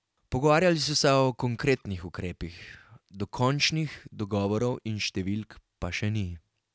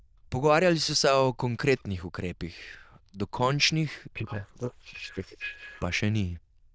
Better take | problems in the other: first | noise reduction (neural diffusion model UNIVERSE++)

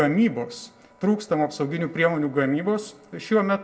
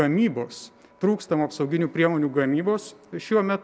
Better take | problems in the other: second | room echo; dies away in 0.3 s

